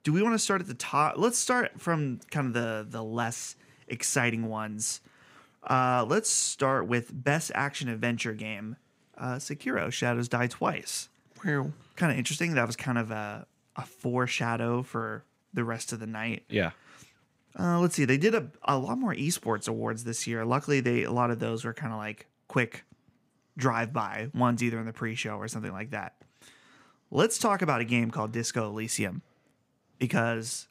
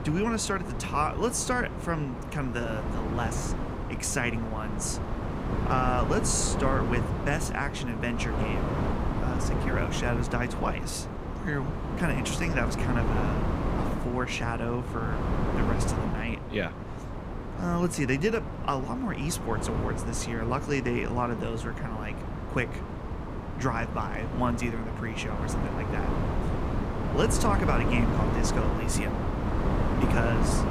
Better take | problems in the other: first | wind noise on the microphone; heavy; 4 dB below the speech

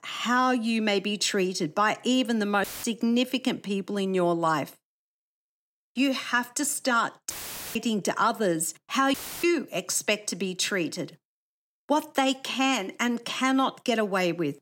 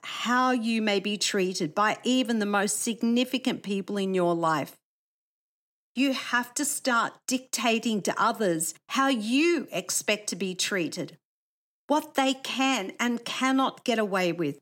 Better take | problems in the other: second | audio cutting out; filled with static; at 2.5 s, at 7.5 s and at 9 s

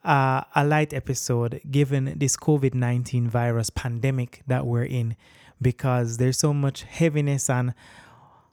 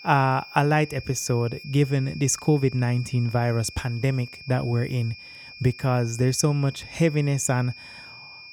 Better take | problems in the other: first | high-pitched whine; noticeable; throughout; 2.5 kHz, 15 dB below the speech

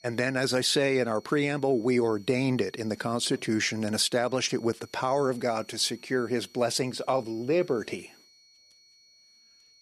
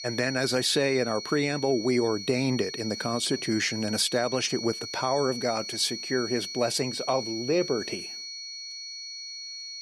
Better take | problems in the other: first | high-pitched whine; loud; throughout; 4.5 kHz, 7 dB below the speech; faint in the first

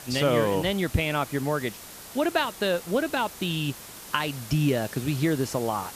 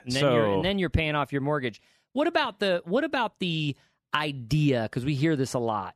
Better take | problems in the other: second | hiss; noticeable; throughout; 15 dB below the speech

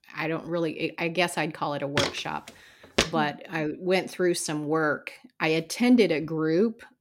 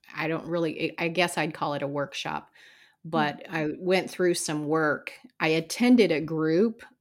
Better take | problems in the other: second | footsteps; noticeable; from 2 to 3 s; peak level with the speech

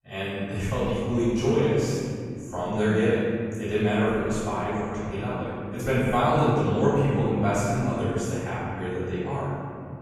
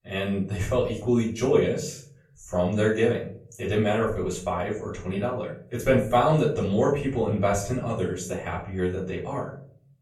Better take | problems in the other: second | room echo; strong; dies away in 3 s; slight in the second // off-mic speech; far; far in the second

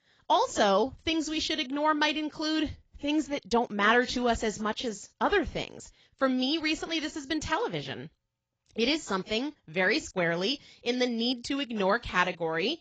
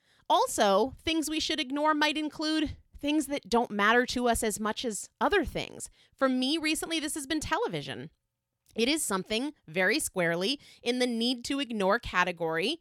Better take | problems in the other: second | garbled, watery; badly; nothing above 7.5 kHz

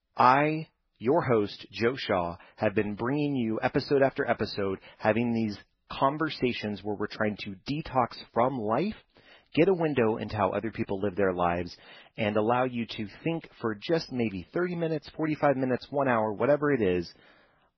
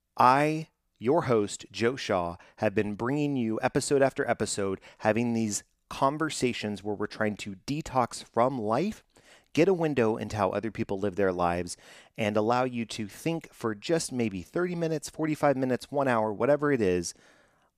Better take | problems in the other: second | garbled, watery; badly; nothing above 5.5 kHz

